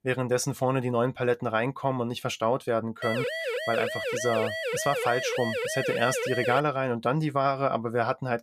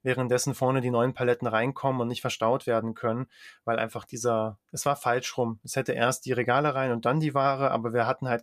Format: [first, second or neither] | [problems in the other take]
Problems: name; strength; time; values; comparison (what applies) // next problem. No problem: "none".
second | siren; noticeable; from 3 to 6.5 s; peak 2 dB below the speech